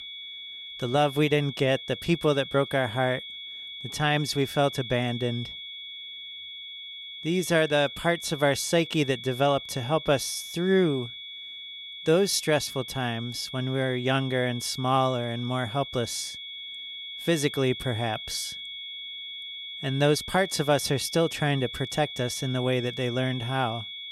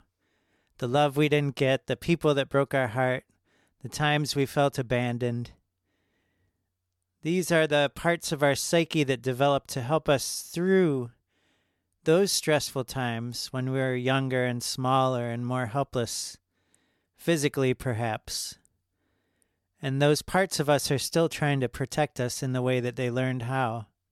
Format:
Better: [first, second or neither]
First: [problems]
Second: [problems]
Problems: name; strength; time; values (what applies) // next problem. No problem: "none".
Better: second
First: high-pitched whine; noticeable; throughout; 3.5 kHz, 10 dB below the speech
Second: none